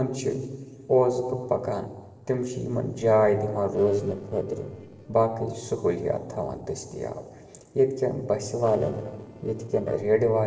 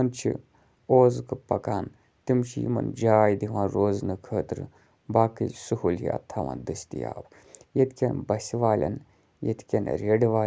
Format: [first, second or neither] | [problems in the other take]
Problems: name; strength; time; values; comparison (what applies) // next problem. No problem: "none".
second | noise reduction (neural separator model SepFormer DNS4)